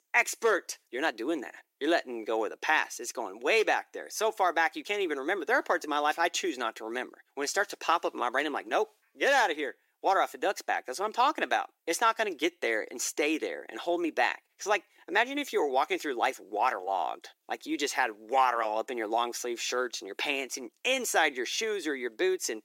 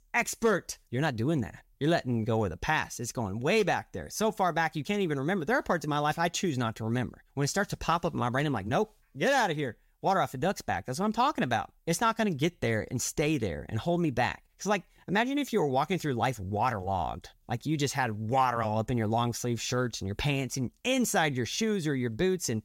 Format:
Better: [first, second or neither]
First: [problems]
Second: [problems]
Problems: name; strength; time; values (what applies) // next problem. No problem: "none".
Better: second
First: thin; very; fading below 300 Hz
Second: none